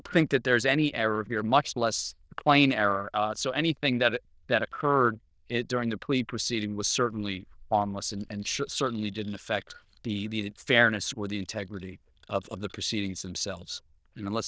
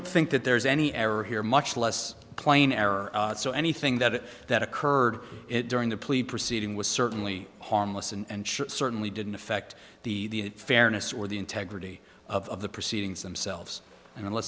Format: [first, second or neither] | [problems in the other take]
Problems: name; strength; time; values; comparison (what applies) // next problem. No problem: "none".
second | noise reduction (neural diffusion model UNIVERSE++)